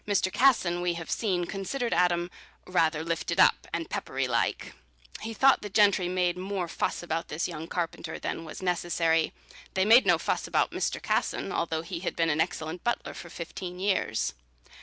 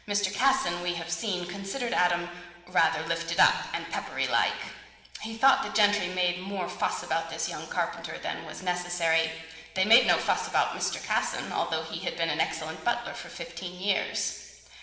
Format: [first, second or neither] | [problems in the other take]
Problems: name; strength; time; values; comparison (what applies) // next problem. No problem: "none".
first | room echo; dies away in 1.2 s